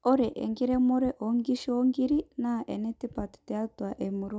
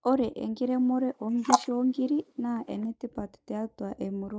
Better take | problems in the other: first | noise reduction (neural mask model Resemble Enhance denoiser)

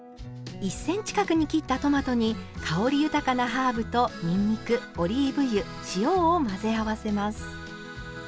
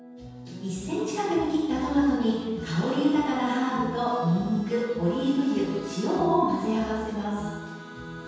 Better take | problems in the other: first | room echo; dies away in 1.2 s

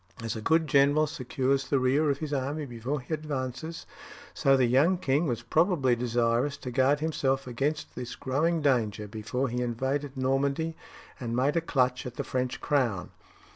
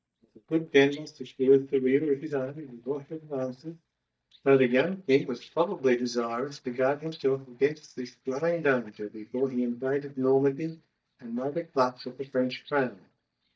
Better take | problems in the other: first | noise reduction (neural mask model DeepFilterNet 3)

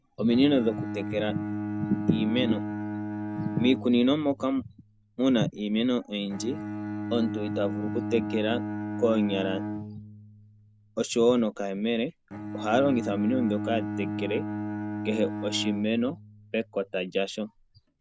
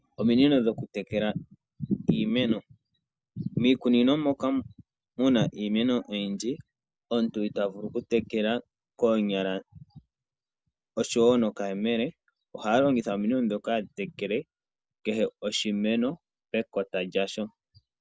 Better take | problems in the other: second | background sound (Bowed string instrument); 7 dB below the speech

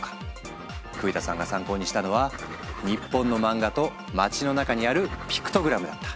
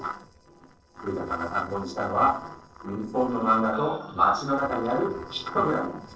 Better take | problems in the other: first | noise reduction (neural separator model SepFormer DNS4)

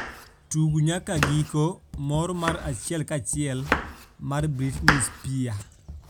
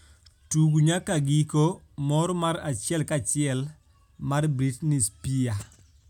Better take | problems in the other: second | background sound (Domestic sounds, home sounds); 4 dB below the speech

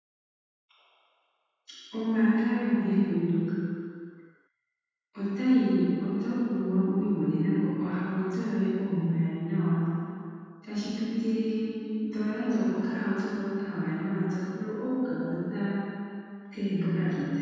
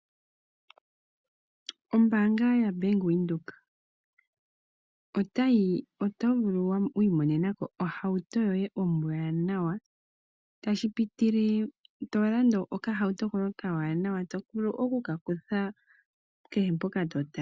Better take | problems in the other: second | room echo; dies away in 2.1 s

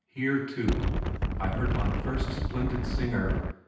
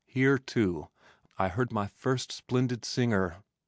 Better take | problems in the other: second | background sound (Wind); 4 dB above the speech // room echo; dies away in 0.9 s

